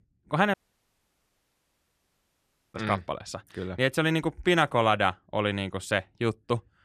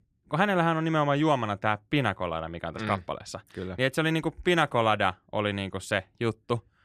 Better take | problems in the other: second | audio cutting out; at 0.5 s for 2 s

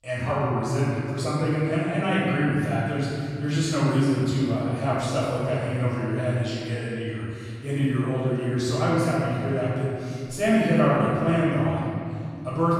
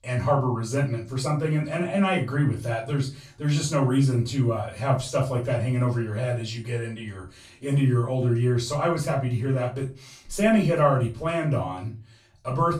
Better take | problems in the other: second | room echo; strong; dies away in 2.5 s; slight in the second // off-mic speech; far; far in the second

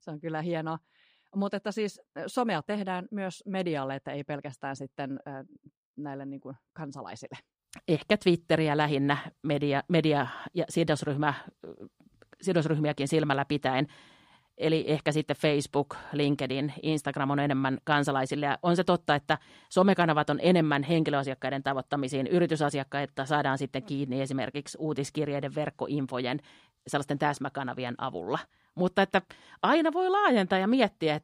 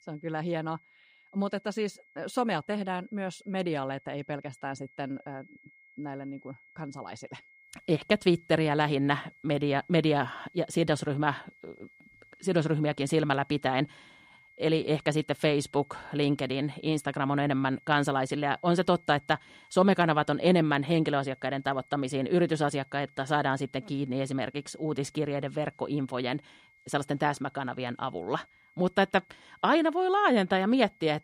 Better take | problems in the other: first | high-pitched whine; faint; throughout; 2 kHz, 30 dB below the speech

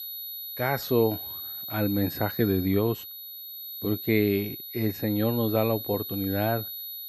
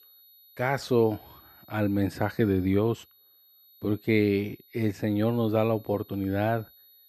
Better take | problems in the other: second | high-pitched whine; loud; throughout; 12 kHz, 7 dB below the speech; faint in the second

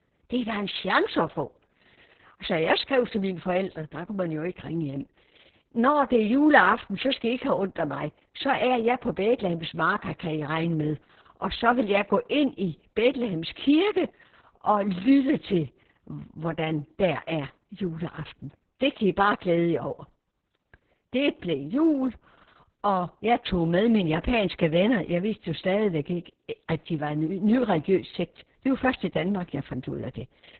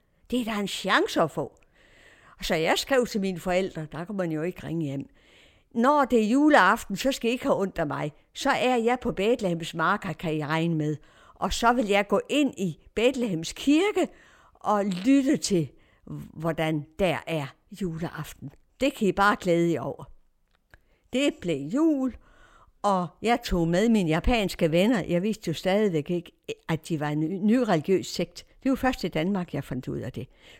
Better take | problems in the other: second | garbled, watery; badly; nothing above 4 kHz

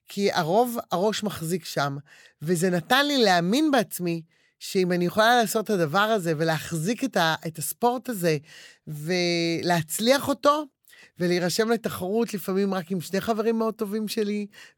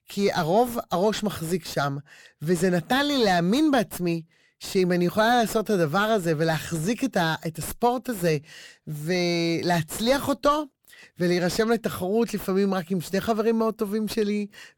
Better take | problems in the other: first | distortion; slight; 10 dB below the speech

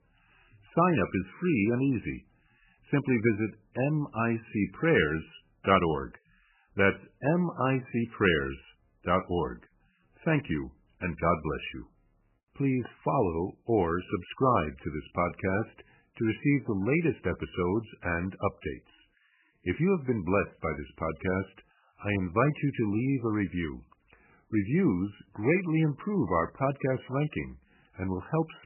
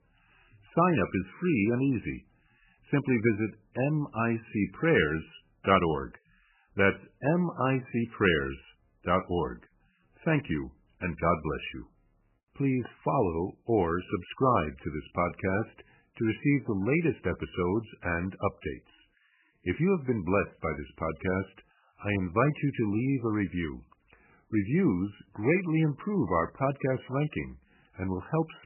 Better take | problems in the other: neither | garbled, watery; badly; nothing above 3 kHz; the same in both

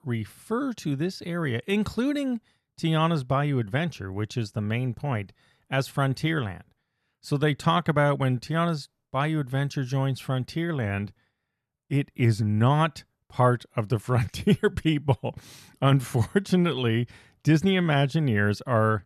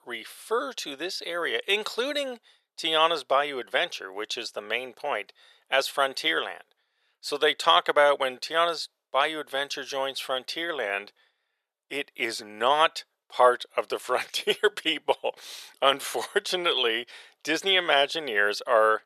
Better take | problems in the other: first | thin; very; fading below 500 Hz

